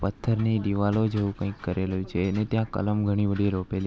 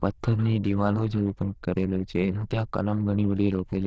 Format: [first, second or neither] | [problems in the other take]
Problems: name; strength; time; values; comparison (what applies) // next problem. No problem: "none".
first | noise reduction (neural diffusion model UNIVERSE++)